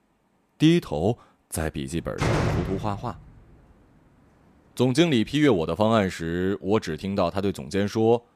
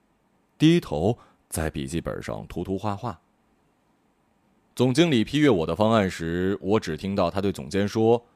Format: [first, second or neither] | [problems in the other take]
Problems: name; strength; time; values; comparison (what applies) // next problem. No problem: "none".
second | door banging; loud; at 2 s; peak level with the speech